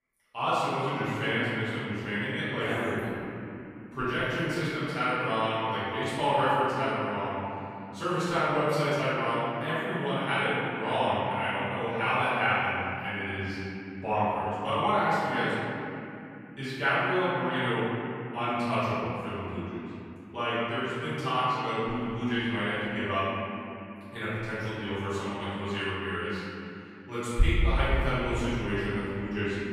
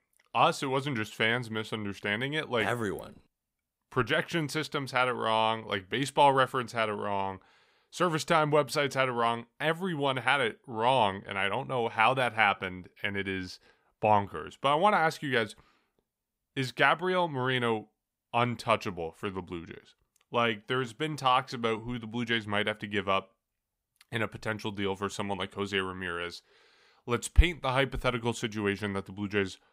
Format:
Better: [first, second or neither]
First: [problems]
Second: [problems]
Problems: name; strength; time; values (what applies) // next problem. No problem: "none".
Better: second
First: room echo; strong; dies away in 3 s // off-mic speech; far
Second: none